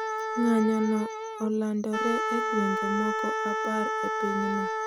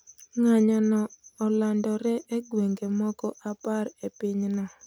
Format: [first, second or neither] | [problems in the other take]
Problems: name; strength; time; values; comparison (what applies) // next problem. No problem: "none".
second | background sound (Wind instrument, woodwind instrument); 1 dB below the speech